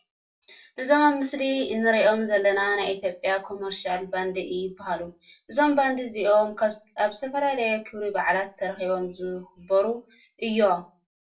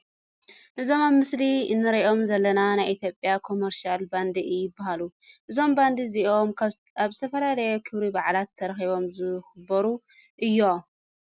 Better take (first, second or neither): second